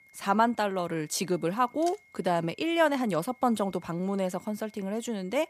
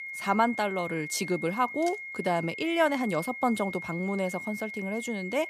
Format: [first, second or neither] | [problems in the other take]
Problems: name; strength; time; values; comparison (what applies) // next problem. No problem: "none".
first | high-pitched whine; loud; throughout; 2 kHz, 8 dB below the speech; faint in the first